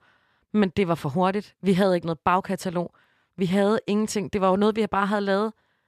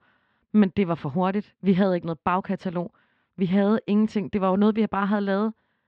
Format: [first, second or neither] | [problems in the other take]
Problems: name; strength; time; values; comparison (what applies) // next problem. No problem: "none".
first | muffled; slightly; fading above 3.5 kHz